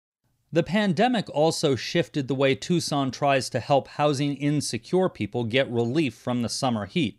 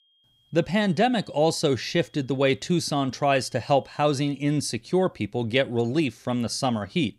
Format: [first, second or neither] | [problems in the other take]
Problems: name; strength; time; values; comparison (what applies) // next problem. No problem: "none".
first | high-pitched whine; faint; until 4.5 s; 3 kHz, 35 dB below the speech